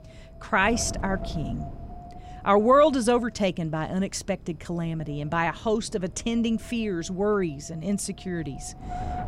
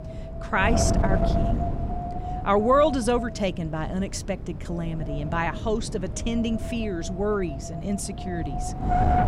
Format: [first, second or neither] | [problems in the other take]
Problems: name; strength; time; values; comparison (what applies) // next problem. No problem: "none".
first | wind noise on the microphone; heavy; 6 dB below the speech; occasional gusts in the first